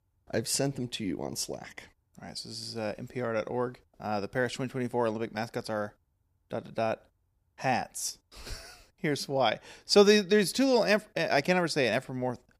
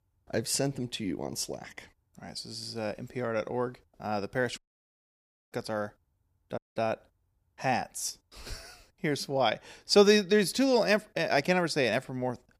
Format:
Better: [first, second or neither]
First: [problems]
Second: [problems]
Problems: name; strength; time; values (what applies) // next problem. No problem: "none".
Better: first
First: none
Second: audio cutting out; at 4.5 s for 1 s and at 6.5 s